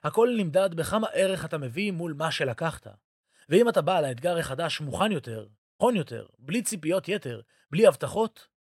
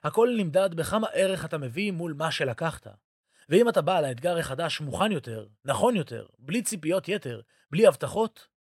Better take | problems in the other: second | audio cutting out; at 5.5 s

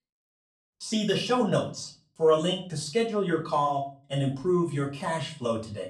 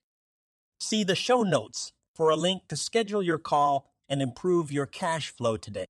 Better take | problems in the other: second | room echo; slight; dies away in 0.3 s // off-mic speech; far

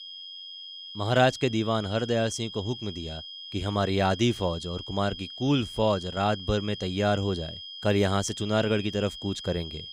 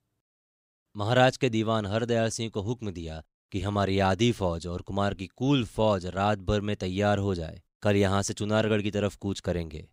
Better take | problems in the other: second | high-pitched whine; noticeable; throughout; 3 kHz, 10 dB below the speech

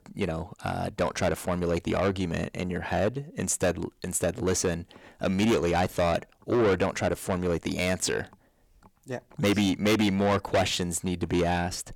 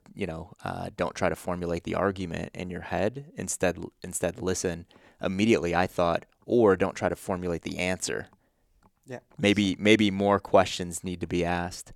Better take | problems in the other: second | distortion; heavy; 6 dB below the speech

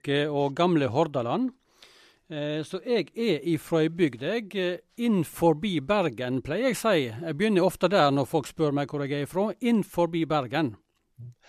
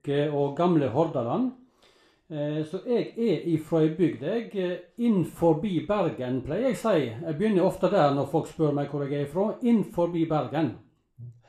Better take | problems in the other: first | room echo; slight; dies away in 0.4 s

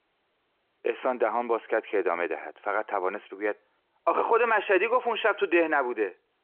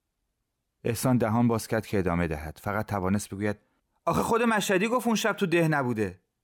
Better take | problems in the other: second | phone-call audio

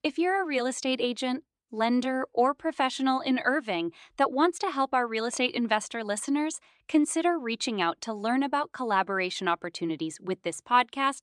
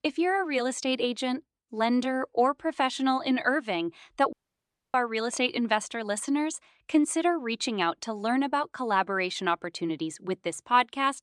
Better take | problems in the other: first | audio cutting out; at 4.5 s for 0.5 s

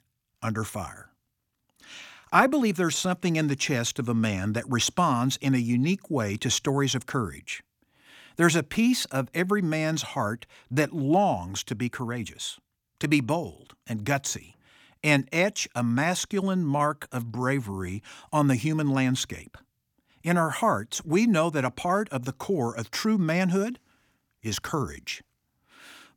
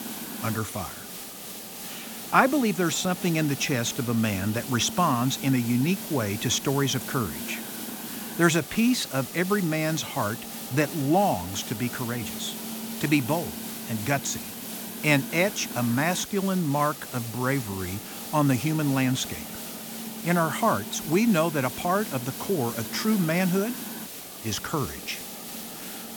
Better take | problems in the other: first | hiss; loud; throughout; 9 dB below the speech

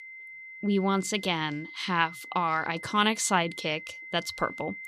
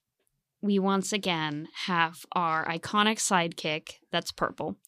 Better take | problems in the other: second | high-pitched whine; noticeable; throughout; 2 kHz, 15 dB below the speech

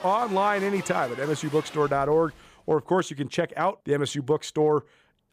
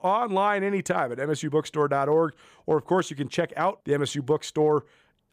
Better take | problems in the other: second | crowd noise; noticeable; until 2 s; 15 dB below the speech

